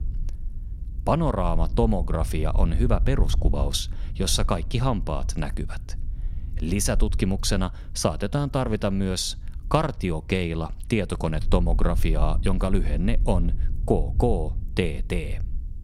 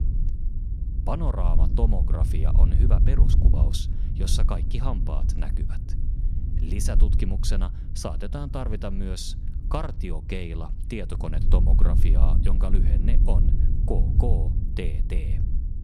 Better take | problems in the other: first | low rumble; loud; throughout; 6 dB below the speech; faint in the first

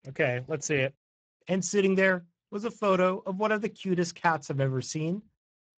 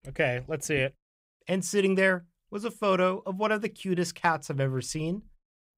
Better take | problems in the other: second | garbled, watery; badly; nothing above 7.5 kHz

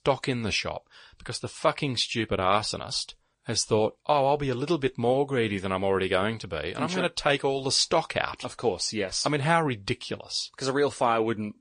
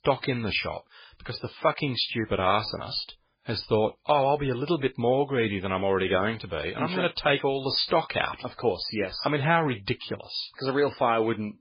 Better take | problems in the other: first | garbled, watery; badly; nothing above 5 kHz; slightly in the first

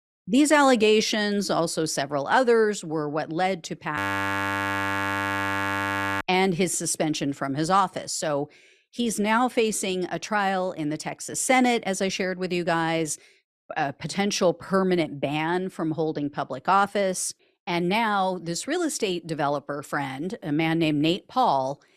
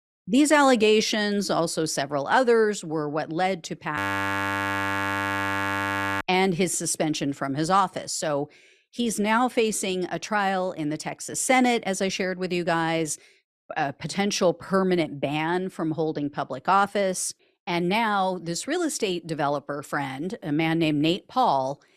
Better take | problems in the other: neither | audio freezing; at 4 s for 2 s; the same in both

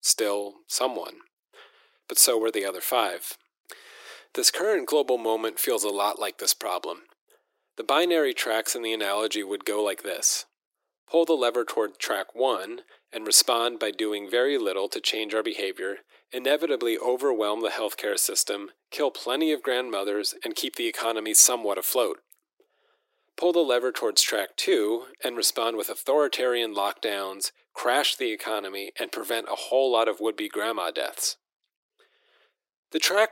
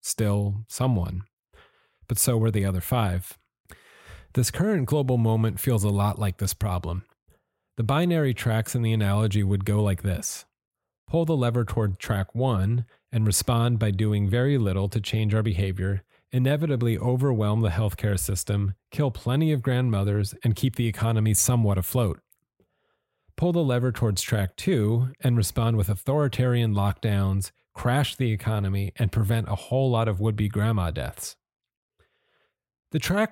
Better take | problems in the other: second | thin; very; fading below 300 Hz

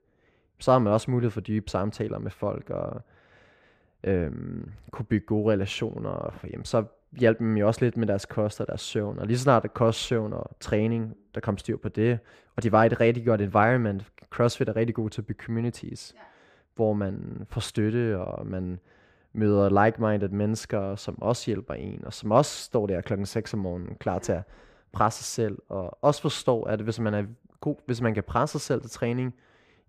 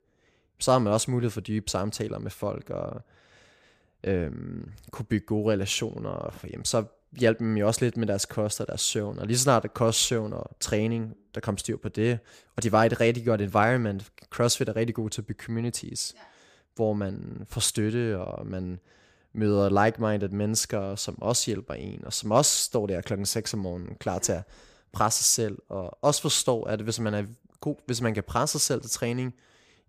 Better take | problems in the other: second | muffled; slightly; fading above 4 kHz

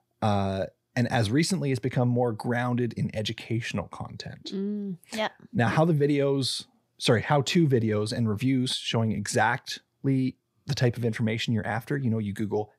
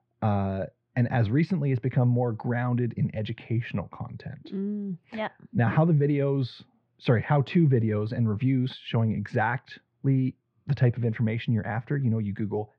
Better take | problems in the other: first | muffled; very; fading above 2.5 kHz

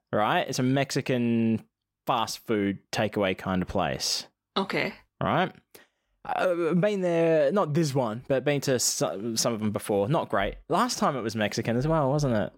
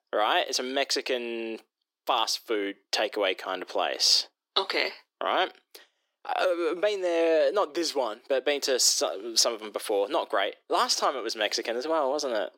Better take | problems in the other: first | thin; very; fading below 300 Hz

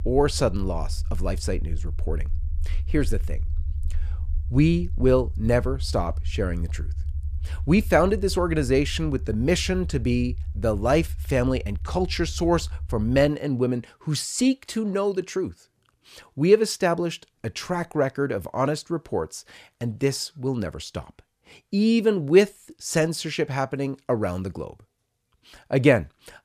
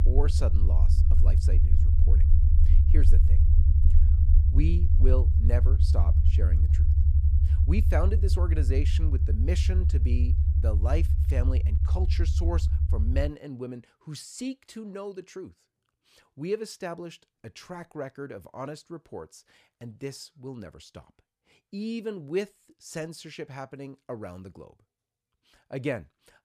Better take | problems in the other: first | low rumble; loud; until 13 s; 4 dB below the speech; faint in the first

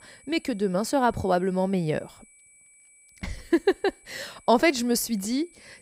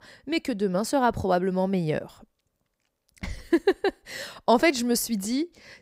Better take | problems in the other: second | high-pitched whine; faint; throughout; 8 kHz, 25 dB below the speech

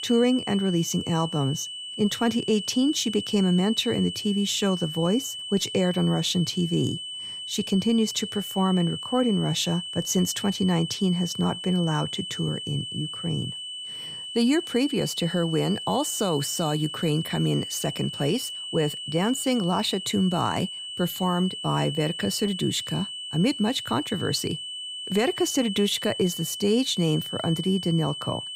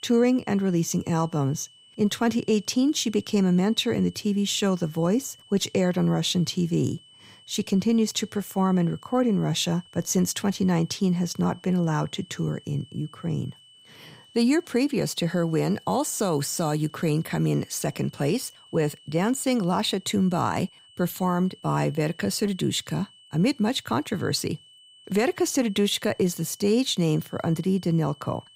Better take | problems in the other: second | high-pitched whine; loud; throughout; 3 kHz, 7 dB below the speech; faint in the second

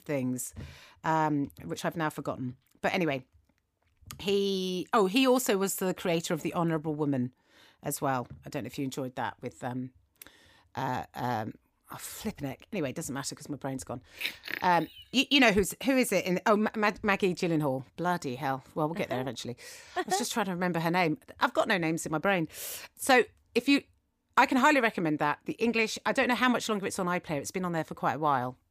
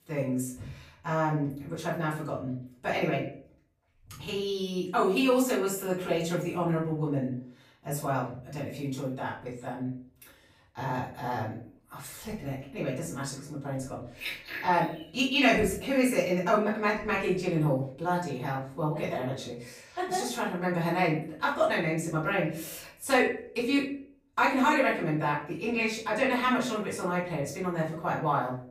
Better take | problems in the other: first | off-mic speech; far // room echo; noticeable; dies away in 0.4 s

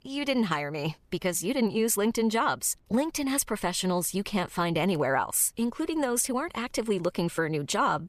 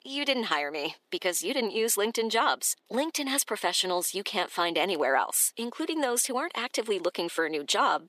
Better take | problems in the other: first | thin; somewhat; fading below 300 Hz

